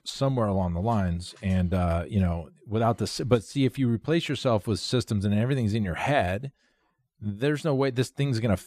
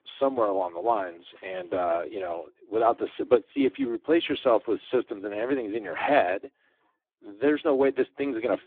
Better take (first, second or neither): first